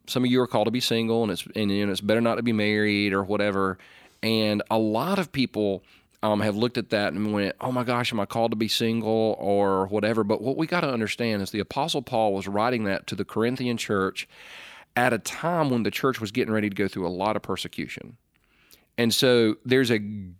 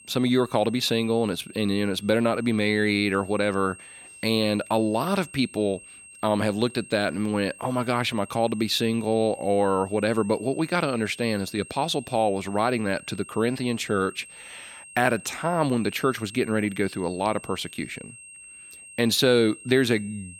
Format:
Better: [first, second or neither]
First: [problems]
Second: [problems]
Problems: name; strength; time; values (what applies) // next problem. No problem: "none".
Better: first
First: none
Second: high-pitched whine; noticeable; throughout; 8.5 kHz, 20 dB below the speech